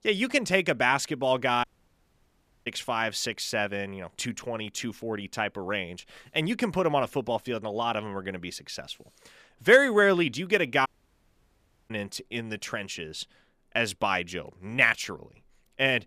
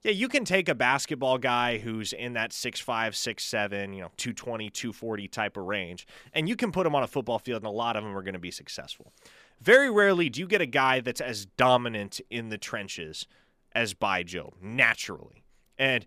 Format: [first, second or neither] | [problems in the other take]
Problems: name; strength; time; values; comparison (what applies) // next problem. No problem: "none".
second | audio cutting out; at 1.5 s for 1 s and at 11 s for 1 s